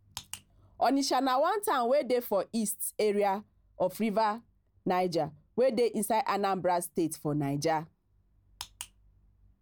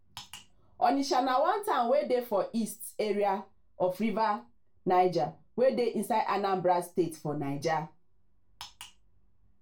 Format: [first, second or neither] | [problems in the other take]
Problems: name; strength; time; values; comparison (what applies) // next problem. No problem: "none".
first | room echo; dies away in 0.3 s